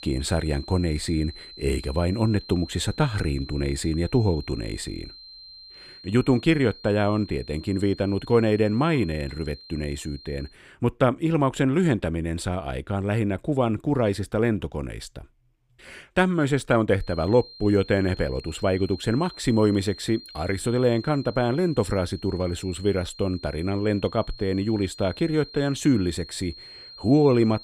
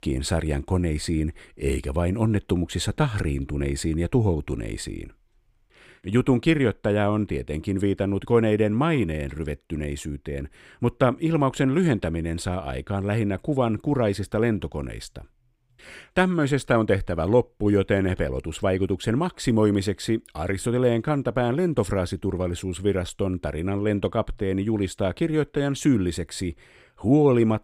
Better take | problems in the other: second | high-pitched whine; noticeable; until 11 s and from 17 s on; 4 kHz, 20 dB below the speech

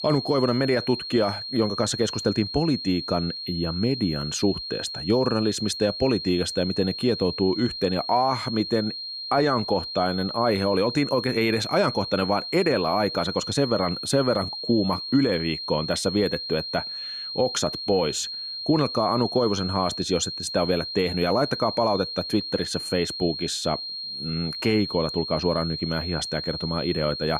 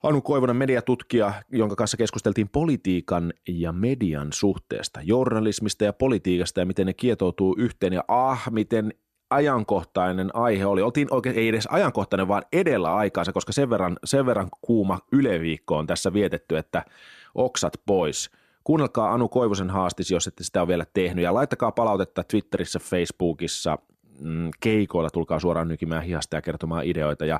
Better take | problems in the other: second | high-pitched whine; loud; throughout; 4 kHz, 6 dB below the speech

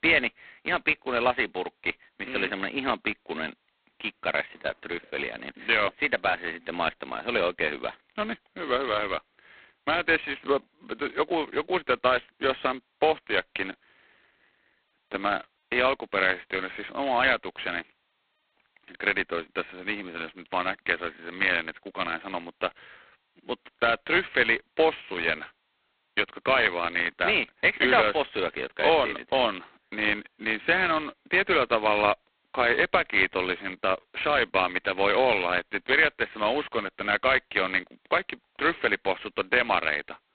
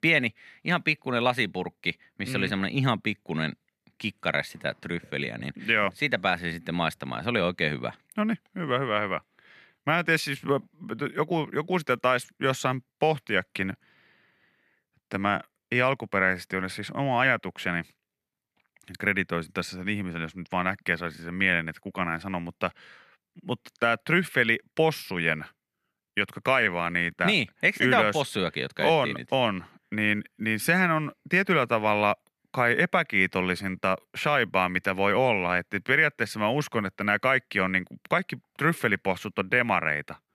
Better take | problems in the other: second | phone-call audio; poor line; nothing above 4 kHz

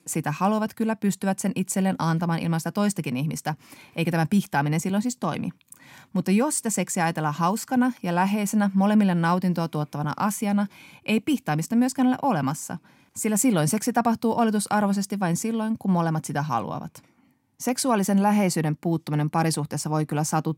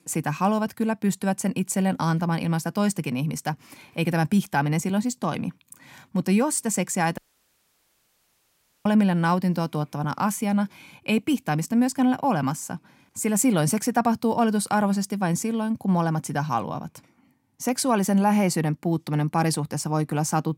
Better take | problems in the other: first | audio cutting out; at 7 s for 1.5 s

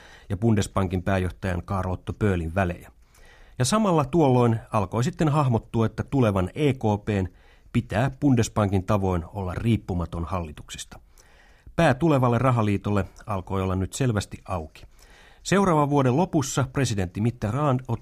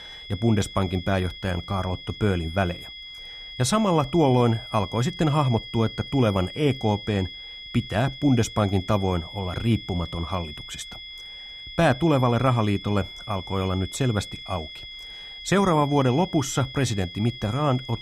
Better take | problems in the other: first | high-pitched whine; noticeable; throughout; 3.5 kHz, 15 dB below the speech

